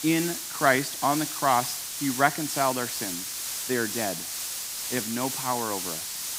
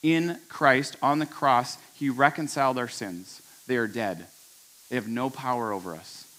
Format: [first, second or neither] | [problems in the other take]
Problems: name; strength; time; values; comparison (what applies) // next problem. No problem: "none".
second | hiss; loud; throughout; 3 dB below the speech; faint in the second